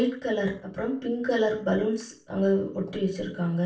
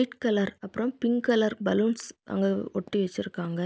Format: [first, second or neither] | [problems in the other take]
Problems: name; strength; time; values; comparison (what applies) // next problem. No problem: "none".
second | room echo; dies away in 0.4 s